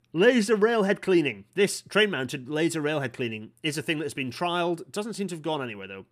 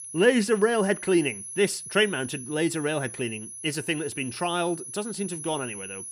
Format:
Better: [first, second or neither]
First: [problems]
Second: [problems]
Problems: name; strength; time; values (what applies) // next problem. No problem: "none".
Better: first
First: none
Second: high-pitched whine; noticeable; throughout; 10.5 kHz, 10 dB below the speech